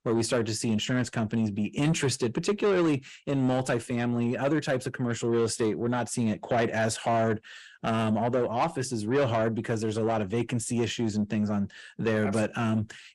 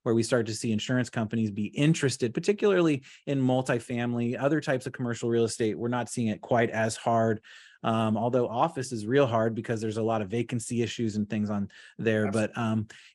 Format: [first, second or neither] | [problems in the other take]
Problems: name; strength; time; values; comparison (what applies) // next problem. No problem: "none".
second | distortion; slight; 10 dB below the speech